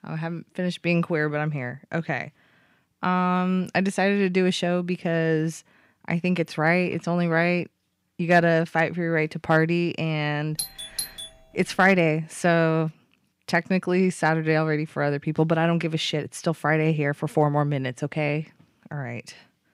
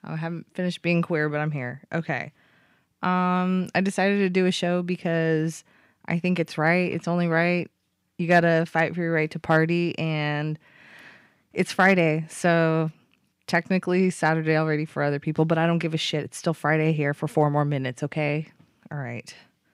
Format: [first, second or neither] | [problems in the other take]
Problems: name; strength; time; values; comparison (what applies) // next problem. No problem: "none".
second | doorbell; noticeable; at 11 s; peak 7 dB below the speech